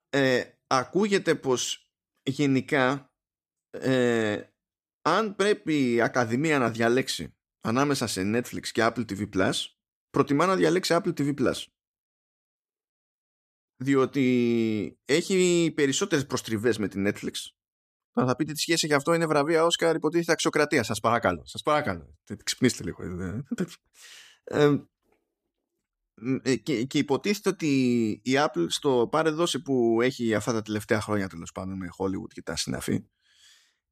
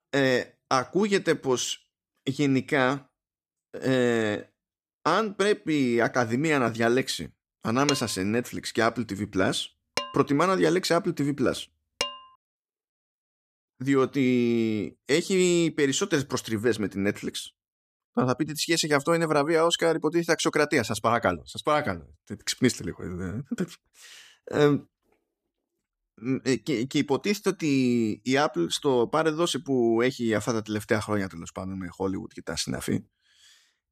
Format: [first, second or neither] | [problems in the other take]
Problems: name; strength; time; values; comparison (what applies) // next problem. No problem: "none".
first | clattering dishes; noticeable; from 8 to 12 s; peak 5 dB below the speech